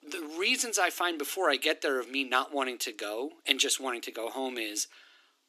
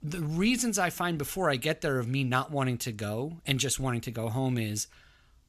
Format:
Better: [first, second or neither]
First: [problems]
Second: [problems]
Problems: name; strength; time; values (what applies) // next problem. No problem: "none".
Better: second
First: thin; somewhat; fading below 300 Hz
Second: none